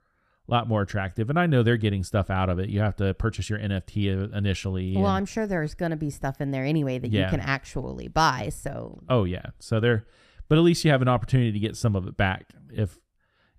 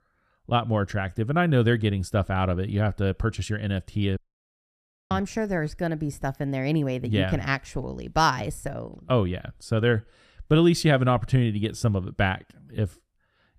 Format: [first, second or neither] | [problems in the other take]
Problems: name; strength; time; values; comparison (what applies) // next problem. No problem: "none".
first | audio cutting out; at 4 s for 1 s